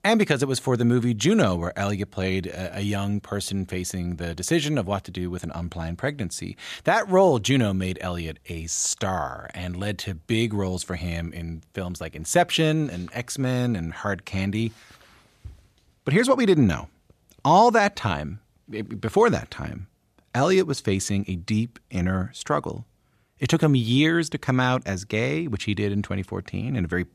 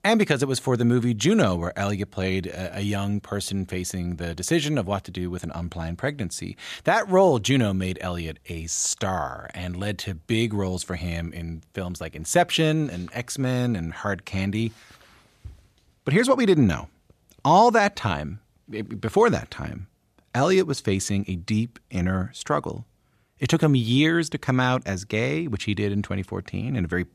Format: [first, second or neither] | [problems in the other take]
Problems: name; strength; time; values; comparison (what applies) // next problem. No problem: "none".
neither | none